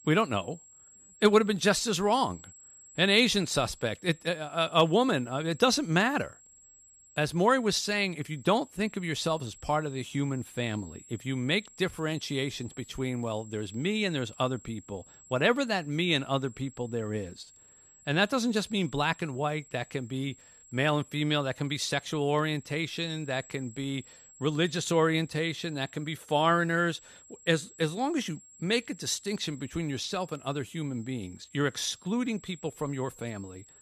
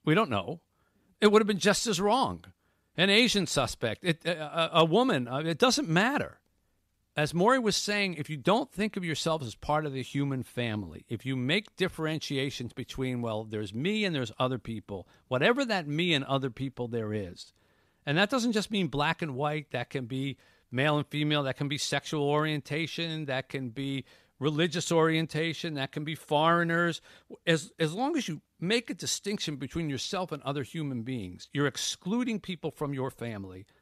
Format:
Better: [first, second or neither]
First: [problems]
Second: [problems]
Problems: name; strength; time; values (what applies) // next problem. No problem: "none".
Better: second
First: high-pitched whine; faint; throughout; 7.5 kHz, 25 dB below the speech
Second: none